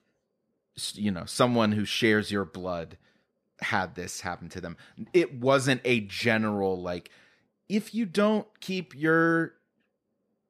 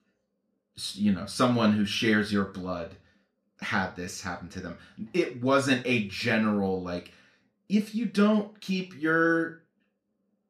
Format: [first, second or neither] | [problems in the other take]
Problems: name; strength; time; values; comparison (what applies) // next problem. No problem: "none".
first | room echo; very slight; dies away in 0.3 s // off-mic speech; somewhat distant